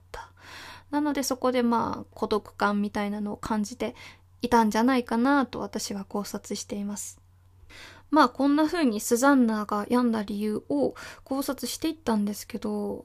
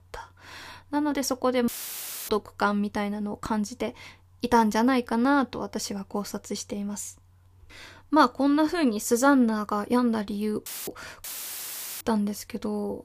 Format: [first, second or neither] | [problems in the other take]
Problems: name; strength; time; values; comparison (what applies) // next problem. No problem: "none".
first | audio cutting out; filled with static; at 1.5 s for 0.5 s and at 11 s for 1 s